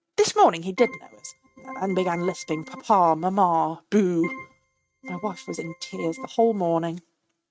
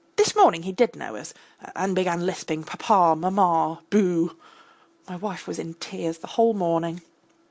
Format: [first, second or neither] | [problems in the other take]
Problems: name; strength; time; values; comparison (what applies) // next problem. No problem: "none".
second | noise reduction (neural mask model RNNoise)